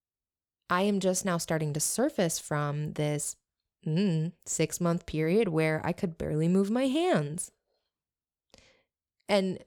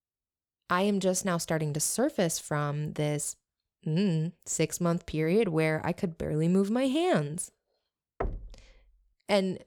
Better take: first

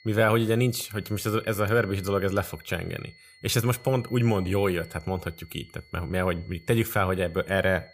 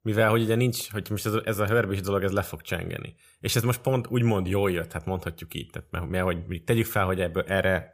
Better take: second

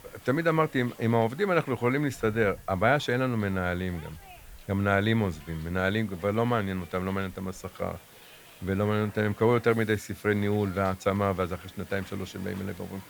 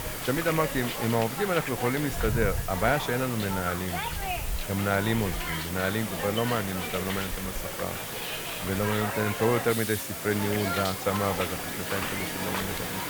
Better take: first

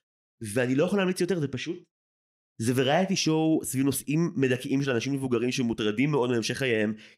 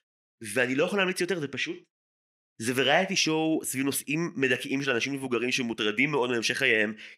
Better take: first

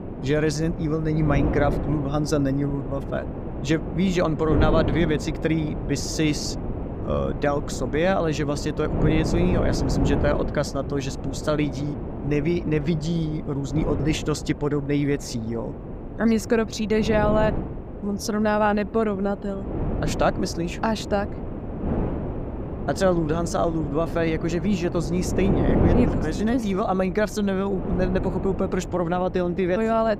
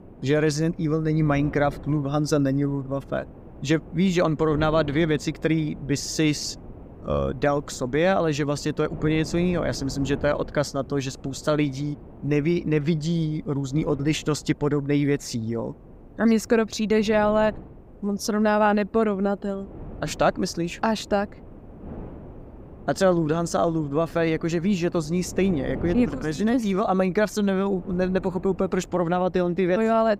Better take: second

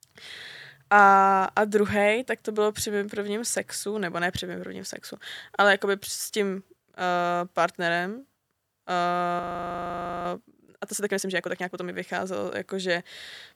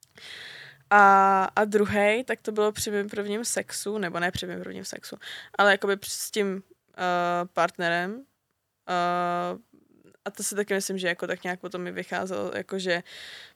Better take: second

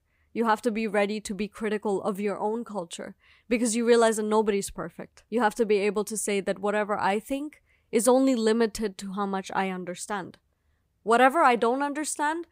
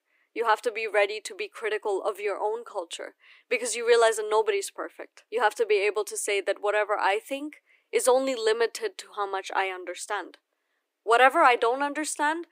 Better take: first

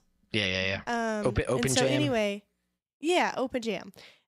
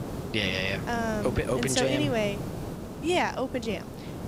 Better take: first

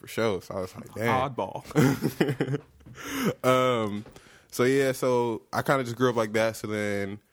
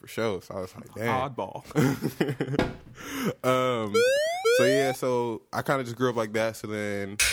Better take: first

